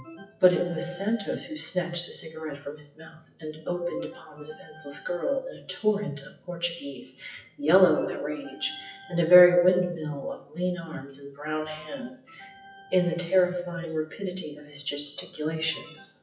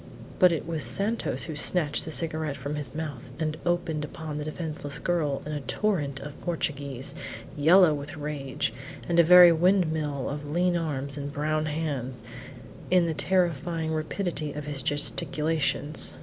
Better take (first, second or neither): second